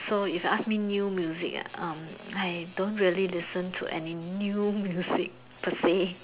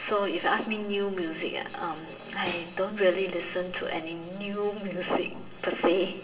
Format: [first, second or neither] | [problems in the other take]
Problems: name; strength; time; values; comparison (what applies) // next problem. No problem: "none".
first | background sound (Snare drum); 19 dB below the speech // room echo; dies away in 2.9 s